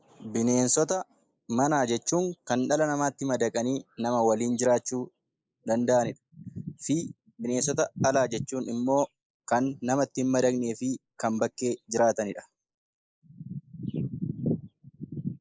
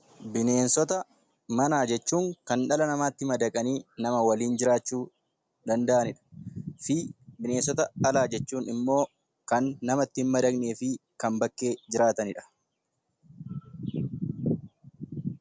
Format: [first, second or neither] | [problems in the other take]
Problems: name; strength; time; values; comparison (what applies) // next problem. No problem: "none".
second | noise reduction (neural mask model Resemble Enhance denoiser)